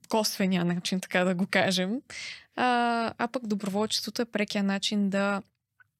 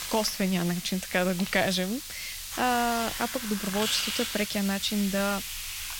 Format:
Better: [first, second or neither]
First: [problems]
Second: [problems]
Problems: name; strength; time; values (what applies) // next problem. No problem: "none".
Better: first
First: none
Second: hiss; loud; throughout; 5 dB below the speech